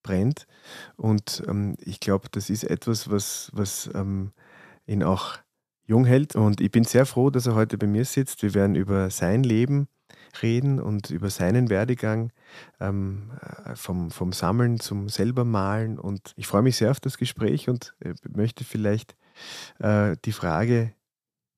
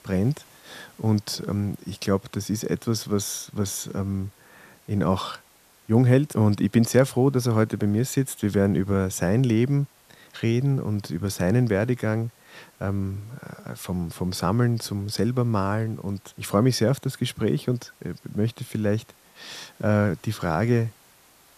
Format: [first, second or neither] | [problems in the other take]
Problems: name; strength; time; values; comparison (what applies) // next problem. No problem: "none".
first | hiss; faint; throughout; 30 dB below the speech